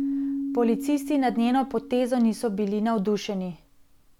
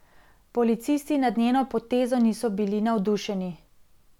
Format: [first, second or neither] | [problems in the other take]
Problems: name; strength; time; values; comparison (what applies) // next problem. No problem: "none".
second | background sound (Keyboard (musical)); 8 dB below the speech